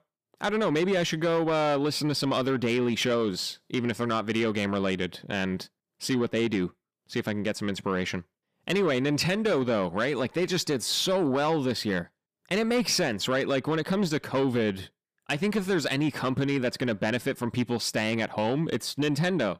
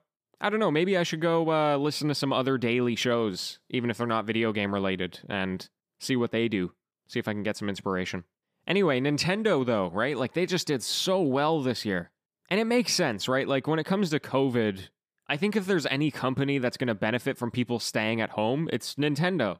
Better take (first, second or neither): second